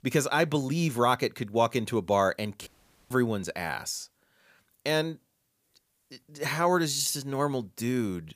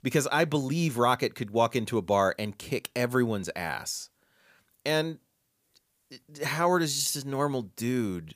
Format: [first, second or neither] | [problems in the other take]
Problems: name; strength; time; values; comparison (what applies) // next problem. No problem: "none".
second | audio cutting out; at 2.5 s